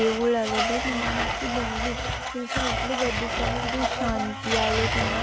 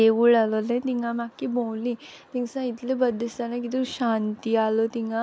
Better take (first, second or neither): second